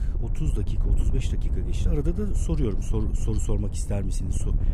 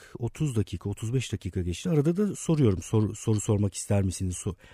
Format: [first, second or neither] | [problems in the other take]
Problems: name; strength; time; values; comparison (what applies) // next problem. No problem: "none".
second | wind noise on the microphone; heavy; 8 dB below the speech